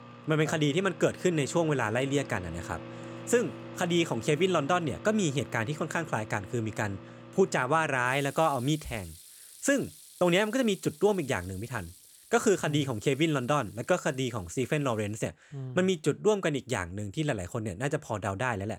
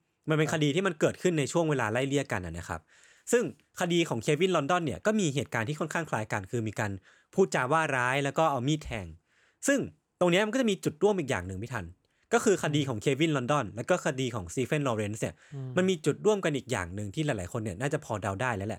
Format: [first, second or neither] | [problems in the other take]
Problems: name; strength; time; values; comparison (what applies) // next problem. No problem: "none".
second | household noises; noticeable; throughout; 15 dB below the speech